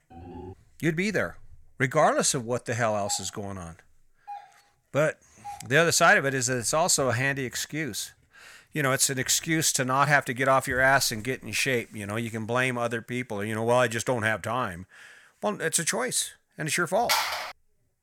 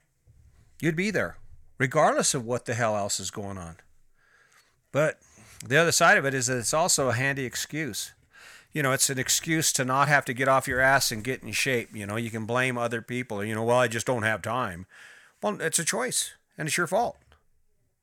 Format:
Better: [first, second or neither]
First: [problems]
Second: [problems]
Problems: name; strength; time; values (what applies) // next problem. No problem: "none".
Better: second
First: phone ringing; faint; at the start; peak 15 dB below the speech // doorbell; faint; from 3 to 5.5 s; peak 15 dB below the speech // phone ringing; loud; at 17 s; peak level with the speech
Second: none